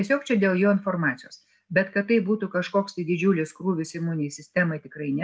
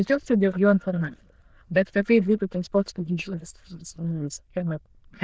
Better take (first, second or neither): first